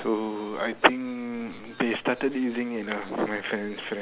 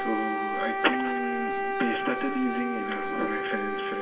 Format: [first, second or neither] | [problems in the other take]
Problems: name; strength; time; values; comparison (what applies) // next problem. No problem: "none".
first | background sound (Wind instrument, woodwind instrument); as loud as the speech // room echo; dies away in 1.9 s